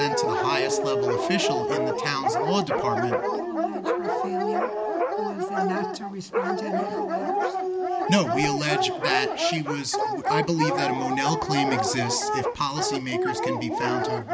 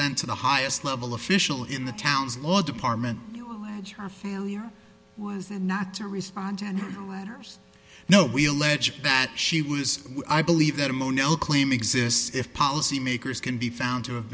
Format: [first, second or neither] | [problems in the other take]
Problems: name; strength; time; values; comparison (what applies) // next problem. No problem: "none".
second | background sound (Dog); 3 dB above the speech